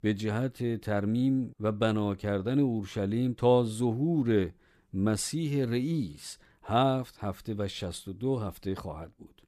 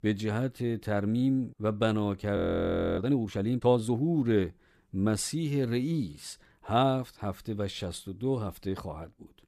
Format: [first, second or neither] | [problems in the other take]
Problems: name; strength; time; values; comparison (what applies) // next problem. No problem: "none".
first | audio freezing; at 2.5 s for 0.5 s